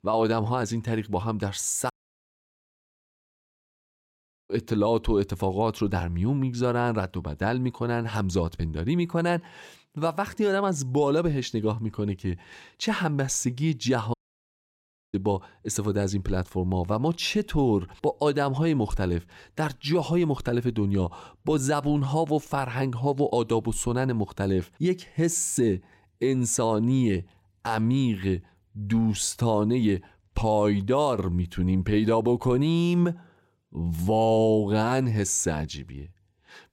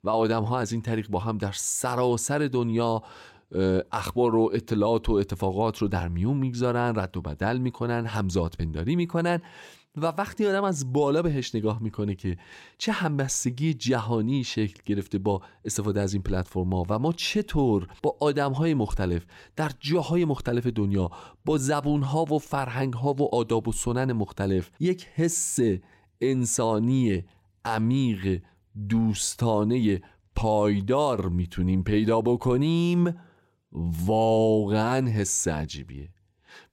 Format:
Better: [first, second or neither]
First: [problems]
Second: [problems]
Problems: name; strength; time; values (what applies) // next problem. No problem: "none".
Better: second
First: audio cutting out; at 2 s for 2.5 s and at 14 s for 1 s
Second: none